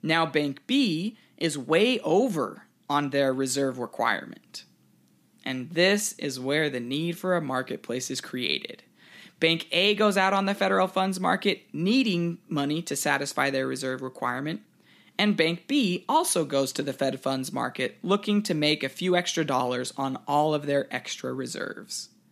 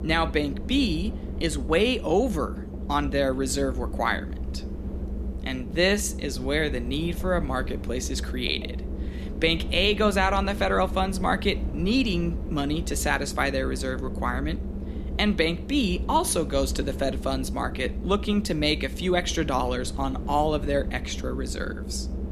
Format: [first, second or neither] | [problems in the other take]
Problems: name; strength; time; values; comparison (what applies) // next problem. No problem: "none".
first | low rumble; noticeable; throughout; 15 dB below the speech